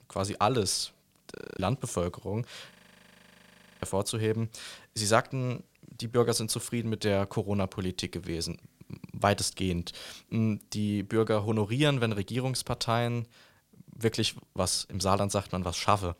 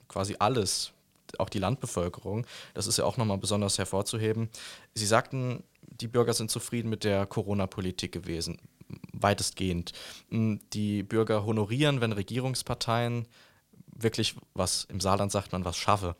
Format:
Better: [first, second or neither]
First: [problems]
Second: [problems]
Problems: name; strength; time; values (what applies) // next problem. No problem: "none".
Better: second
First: audio freezing; at 1.5 s and at 2.5 s for 1 s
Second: none